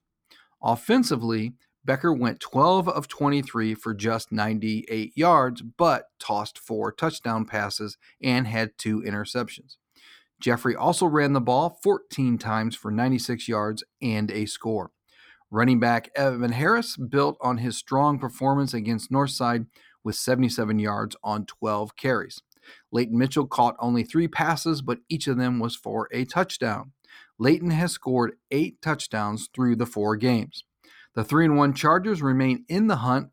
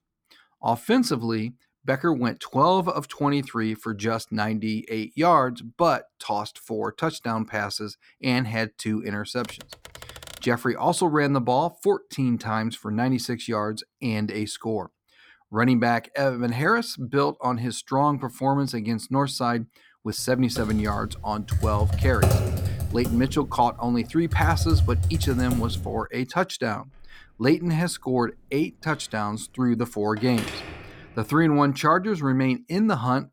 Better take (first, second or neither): first